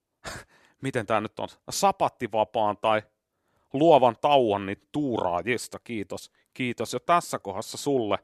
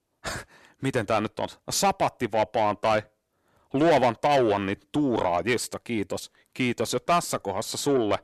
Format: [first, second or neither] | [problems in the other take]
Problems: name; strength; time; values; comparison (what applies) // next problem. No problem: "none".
first | distortion; heavy; 8 dB below the speech